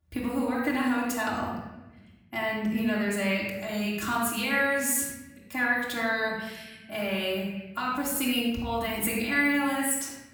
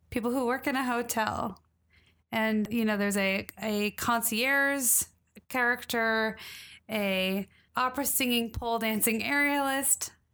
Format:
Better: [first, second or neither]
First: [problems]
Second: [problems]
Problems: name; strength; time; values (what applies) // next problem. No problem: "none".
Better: second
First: off-mic speech; far // room echo; noticeable; dies away in 1.1 s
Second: none